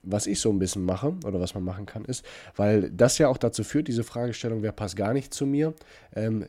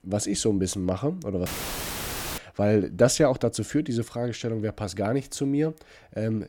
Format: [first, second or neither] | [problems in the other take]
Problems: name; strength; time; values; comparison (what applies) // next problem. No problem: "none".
first | audio cutting out; filled with static; at 1.5 s for 1 s